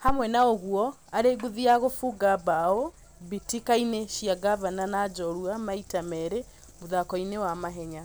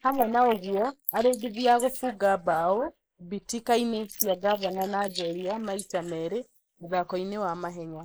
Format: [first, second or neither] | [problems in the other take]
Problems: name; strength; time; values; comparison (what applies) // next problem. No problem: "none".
first | noise reduction (neural mask model Resemble Enhance denoiser)